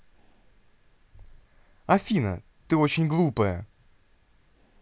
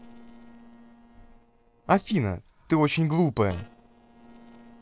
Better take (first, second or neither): first